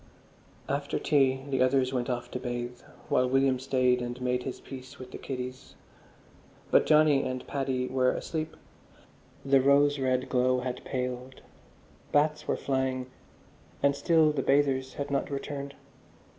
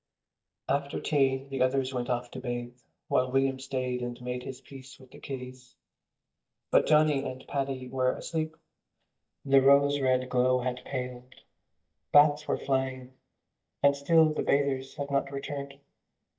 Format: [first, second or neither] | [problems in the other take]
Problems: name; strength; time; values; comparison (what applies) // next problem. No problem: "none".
first | noise reduction (neural mask model DeepFilterNet 3)